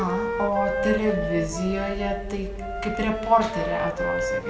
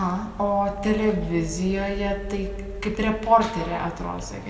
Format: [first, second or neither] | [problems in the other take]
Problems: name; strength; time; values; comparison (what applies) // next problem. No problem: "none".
second | background sound (Wind instrument, woodwind instrument); 3 dB below the speech